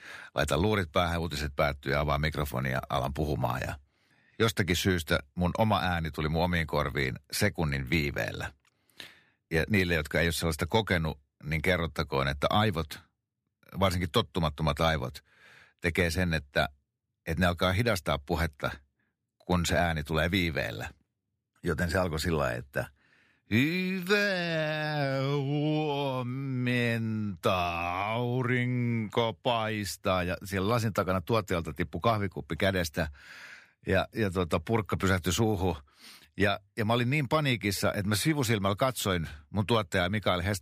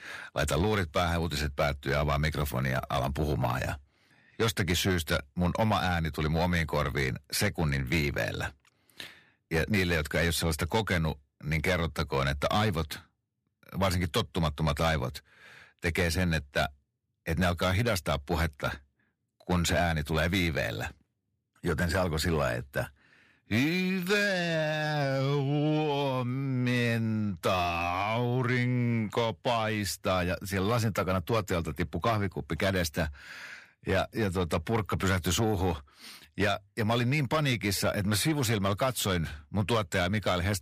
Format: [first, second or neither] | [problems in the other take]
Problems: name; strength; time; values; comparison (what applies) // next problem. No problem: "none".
first | distortion; slight; 10 dB below the speech